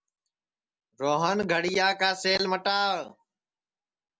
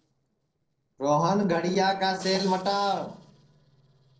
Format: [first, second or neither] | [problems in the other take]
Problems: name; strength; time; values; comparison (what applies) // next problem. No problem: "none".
first | noise reduction (neural separator model SepFormer DNS4)